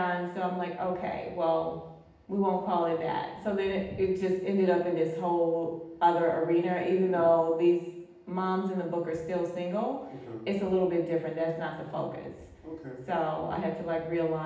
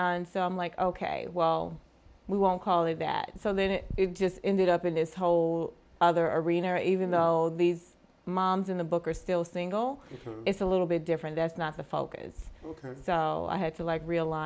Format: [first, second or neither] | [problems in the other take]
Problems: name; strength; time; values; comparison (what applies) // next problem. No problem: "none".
second | room echo; dies away in 0.8 s